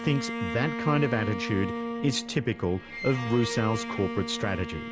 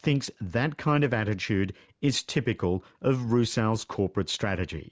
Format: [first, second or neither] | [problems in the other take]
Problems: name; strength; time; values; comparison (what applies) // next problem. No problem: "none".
second | background sound (Bowed string instrument); 6 dB below the speech